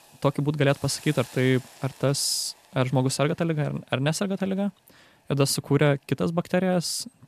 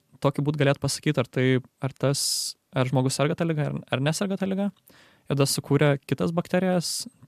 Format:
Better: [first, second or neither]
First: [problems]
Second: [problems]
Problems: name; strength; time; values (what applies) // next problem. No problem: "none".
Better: second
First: hiss; faint; throughout; 25 dB below the speech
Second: none